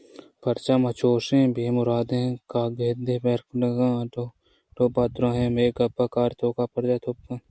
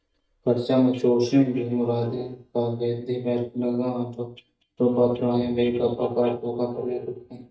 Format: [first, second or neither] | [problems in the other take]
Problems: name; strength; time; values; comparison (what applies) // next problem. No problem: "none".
first | noise reduction (neural mask model DeepFilterNet 3)